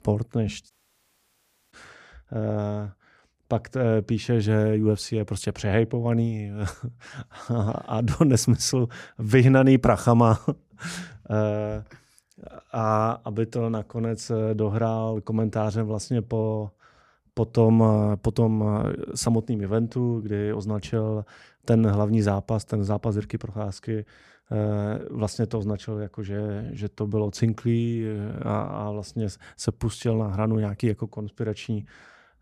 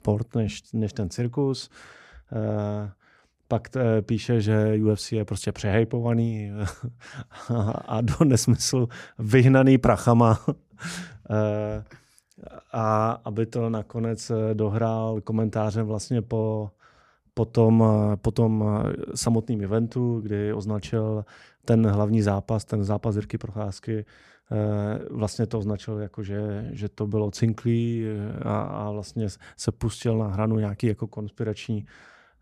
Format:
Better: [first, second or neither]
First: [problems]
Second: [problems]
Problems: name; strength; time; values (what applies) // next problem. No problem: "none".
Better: second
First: audio cutting out; at 0.5 s for 1 s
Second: none